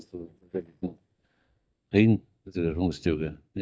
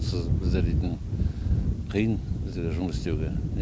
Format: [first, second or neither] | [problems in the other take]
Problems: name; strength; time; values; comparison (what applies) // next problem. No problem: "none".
second | noise reduction (neural mask model DeepFilterNet 3)